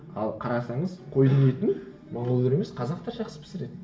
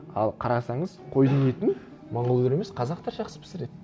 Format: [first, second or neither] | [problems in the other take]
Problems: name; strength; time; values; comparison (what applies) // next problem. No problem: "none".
second | room echo; dies away in 0.5 s